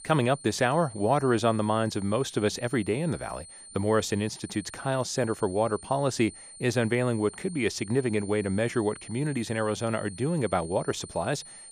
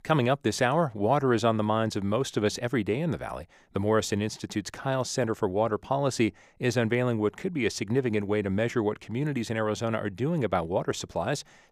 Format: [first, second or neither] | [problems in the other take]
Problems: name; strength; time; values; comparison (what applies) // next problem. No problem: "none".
second | high-pitched whine; noticeable; throughout; 9 kHz, 15 dB below the speech